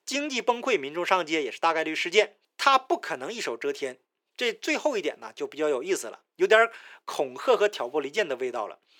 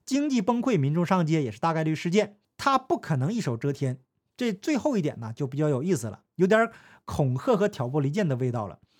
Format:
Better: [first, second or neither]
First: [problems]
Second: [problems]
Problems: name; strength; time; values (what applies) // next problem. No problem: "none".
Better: second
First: thin; very; fading below 400 Hz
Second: none